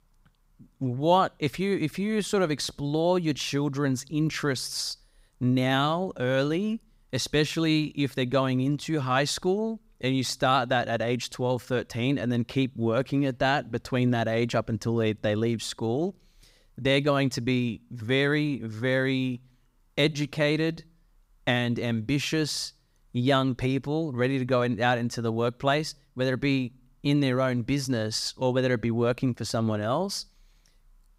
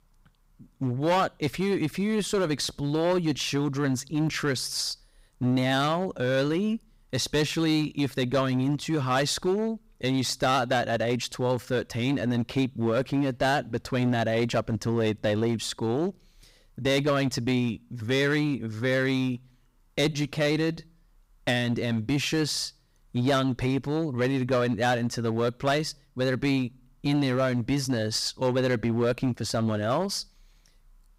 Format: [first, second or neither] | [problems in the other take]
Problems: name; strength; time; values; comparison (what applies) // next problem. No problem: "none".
first | distortion; slight; 7% of the sound clipped